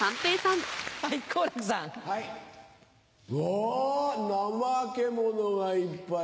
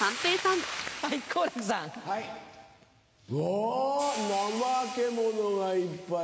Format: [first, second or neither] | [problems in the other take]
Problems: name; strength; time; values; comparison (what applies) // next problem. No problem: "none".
first | background sound (Hi-hat); 15 dB below the speech